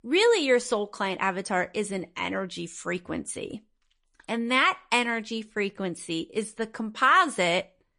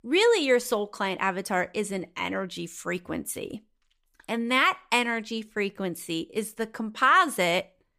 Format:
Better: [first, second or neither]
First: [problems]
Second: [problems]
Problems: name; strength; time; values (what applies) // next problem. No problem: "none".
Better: second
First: garbled, watery; slightly; nothing above 10.5 kHz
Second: none